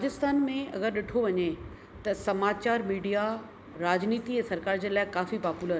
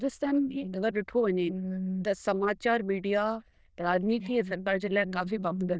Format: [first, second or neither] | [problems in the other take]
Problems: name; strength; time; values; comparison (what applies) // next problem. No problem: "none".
first | noise reduction (neural diffusion model UNIVERSE++)